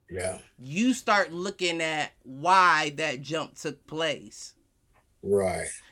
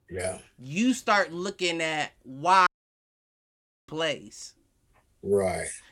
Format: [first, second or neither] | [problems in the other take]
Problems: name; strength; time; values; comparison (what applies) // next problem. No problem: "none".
first | audio cutting out; at 2.5 s for 1 s